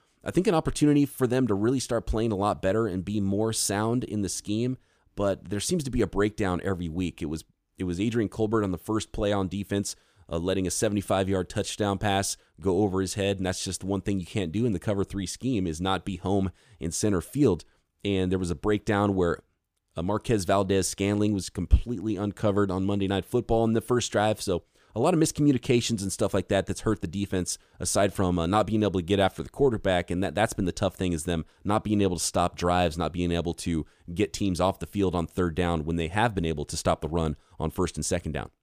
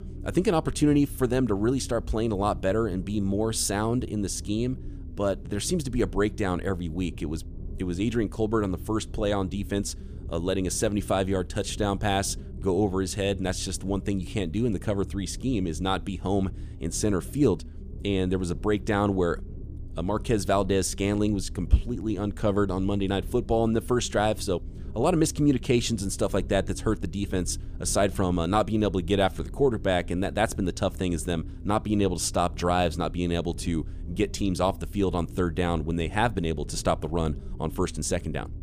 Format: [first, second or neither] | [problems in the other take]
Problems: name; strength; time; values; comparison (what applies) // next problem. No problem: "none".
first | low rumble; faint; throughout; 20 dB below the speech